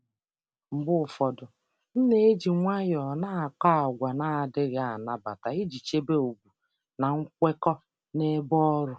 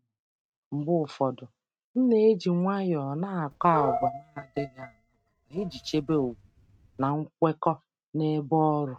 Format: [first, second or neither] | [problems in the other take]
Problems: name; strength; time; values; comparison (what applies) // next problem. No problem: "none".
first | noise reduction (neural mask model RNNoise)